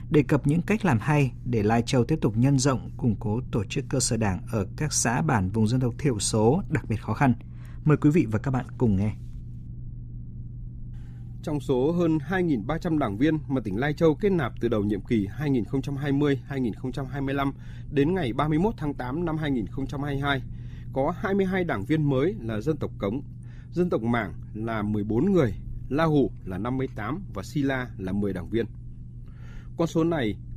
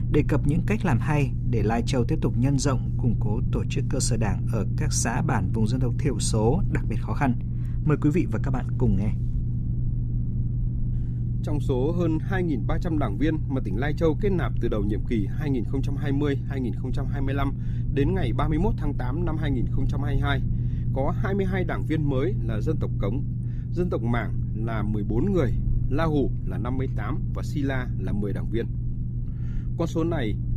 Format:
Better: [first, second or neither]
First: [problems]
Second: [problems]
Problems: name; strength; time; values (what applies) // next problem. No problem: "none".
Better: first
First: low rumble; faint; throughout; 25 dB below the speech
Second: low rumble; loud; throughout; 10 dB below the speech